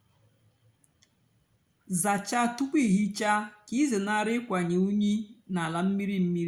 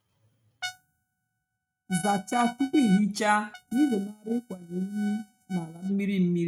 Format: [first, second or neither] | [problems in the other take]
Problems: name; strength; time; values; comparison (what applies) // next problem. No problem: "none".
first | noise reduction (neural mask model RNNoise)